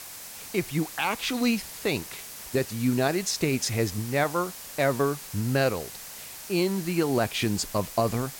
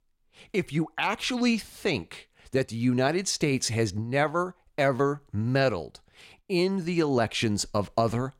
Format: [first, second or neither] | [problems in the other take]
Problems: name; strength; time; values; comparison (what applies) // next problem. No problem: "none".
second | hiss; noticeable; throughout; 10 dB below the speech